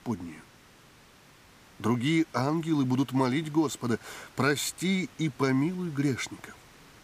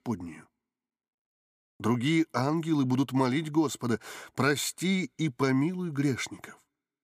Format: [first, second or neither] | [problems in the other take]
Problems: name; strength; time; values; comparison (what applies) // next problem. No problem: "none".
second | hiss; faint; throughout; 25 dB below the speech